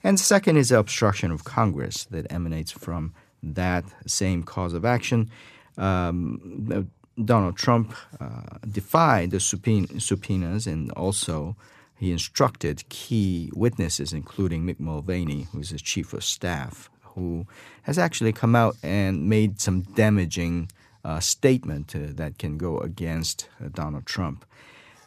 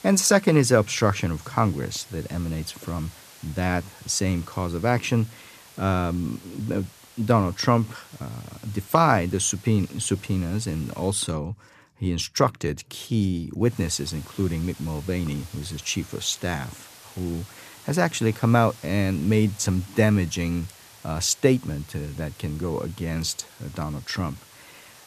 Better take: first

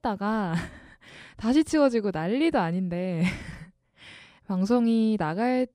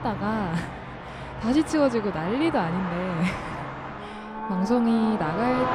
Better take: first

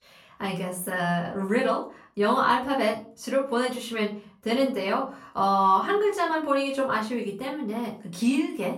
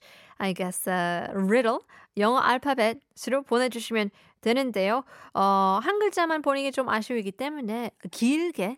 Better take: second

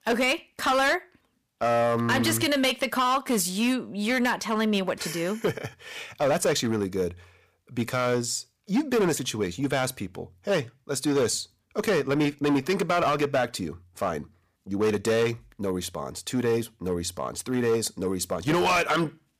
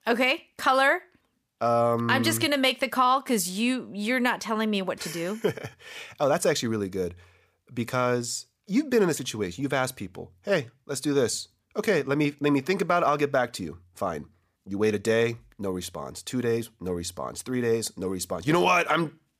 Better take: second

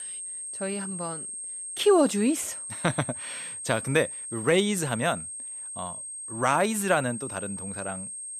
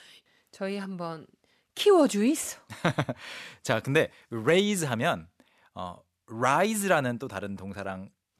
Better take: second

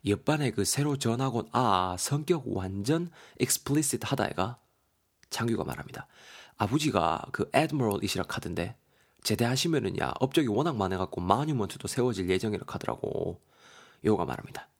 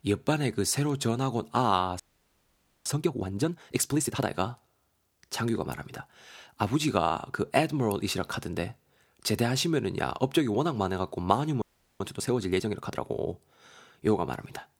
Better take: first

